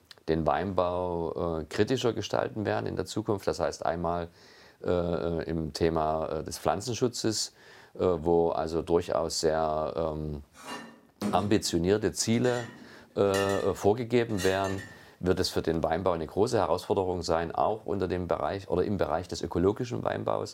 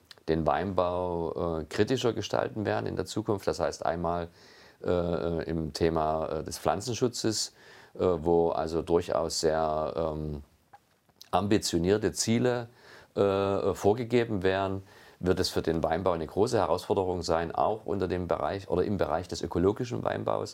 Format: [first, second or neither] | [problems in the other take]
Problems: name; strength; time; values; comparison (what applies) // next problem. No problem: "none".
second | clattering dishes; noticeable; from 11 to 15 s; peak 6 dB below the speech